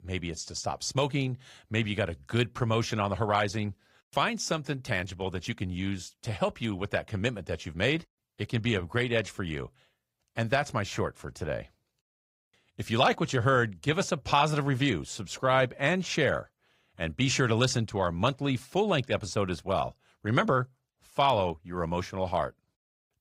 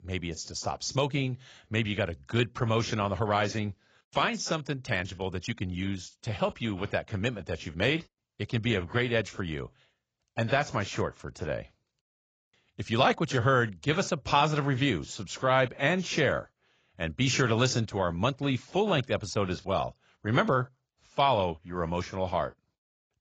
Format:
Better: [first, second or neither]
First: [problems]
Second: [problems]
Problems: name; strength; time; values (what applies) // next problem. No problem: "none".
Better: first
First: garbled, watery; slightly; nothing above 15.5 kHz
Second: garbled, watery; badly; nothing above 7.5 kHz